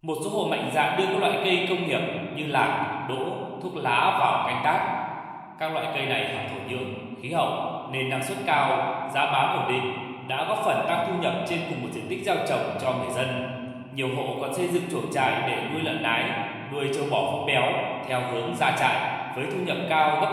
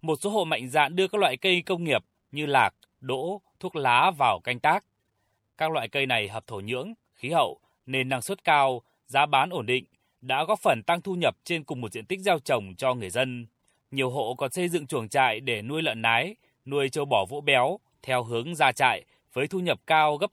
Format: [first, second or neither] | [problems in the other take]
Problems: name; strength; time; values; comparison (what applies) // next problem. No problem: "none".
second | room echo; noticeable; dies away in 2 s // off-mic speech; somewhat distant